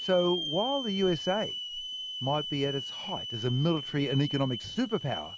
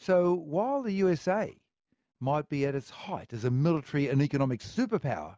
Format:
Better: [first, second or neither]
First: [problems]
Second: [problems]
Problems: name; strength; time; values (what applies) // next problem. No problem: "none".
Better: second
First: background sound (Hiss / Alarm); 7 dB below the speech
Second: none